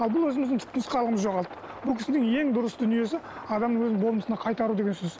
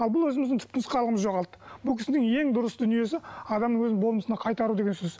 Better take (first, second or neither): second